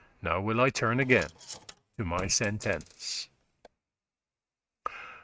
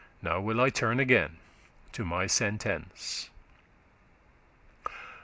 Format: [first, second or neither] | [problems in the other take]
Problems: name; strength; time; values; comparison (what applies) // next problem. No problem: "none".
second | noise reduction (neural mask model RNNoise)